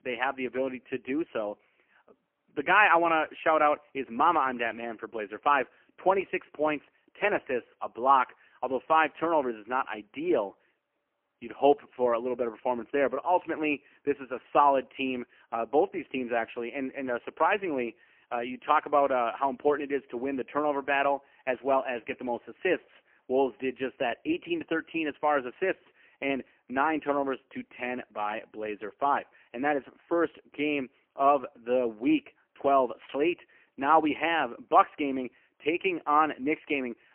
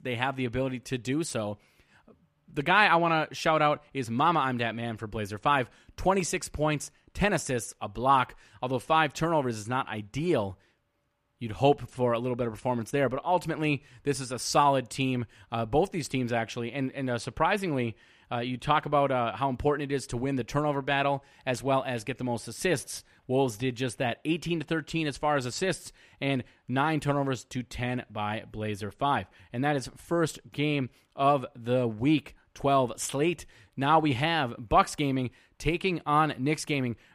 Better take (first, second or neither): second